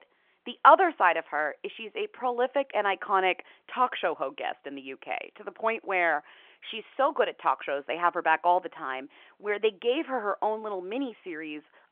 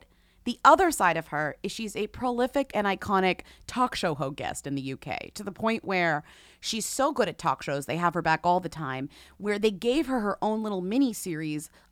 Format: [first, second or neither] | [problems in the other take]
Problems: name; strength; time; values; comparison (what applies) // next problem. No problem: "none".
second | phone-call audio; nothing above 3.5 kHz